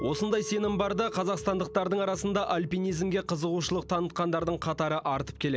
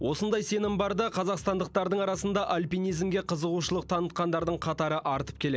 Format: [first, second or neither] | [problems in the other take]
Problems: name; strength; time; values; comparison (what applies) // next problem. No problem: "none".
second | background sound (Chink, clink); 16 dB below the speech